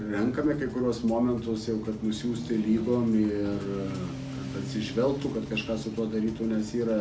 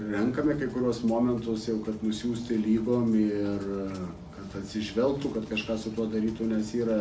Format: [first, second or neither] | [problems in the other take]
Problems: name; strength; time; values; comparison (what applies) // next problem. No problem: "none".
second | background sound (Motorcycle); 12 dB below the speech